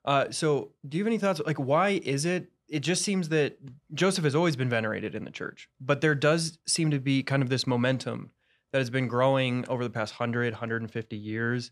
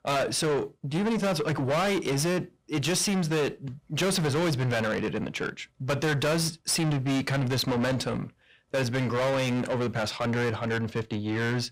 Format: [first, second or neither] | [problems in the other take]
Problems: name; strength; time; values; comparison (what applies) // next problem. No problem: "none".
first | distortion; heavy; 6 dB below the speech